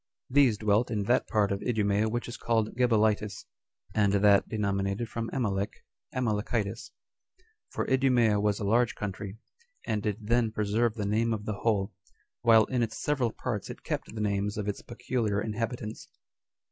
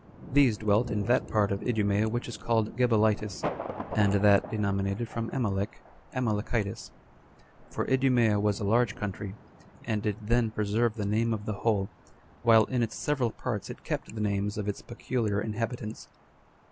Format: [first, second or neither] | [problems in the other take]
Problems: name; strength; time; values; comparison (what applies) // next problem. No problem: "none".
first | background sound (Thunder); 16 dB below the speech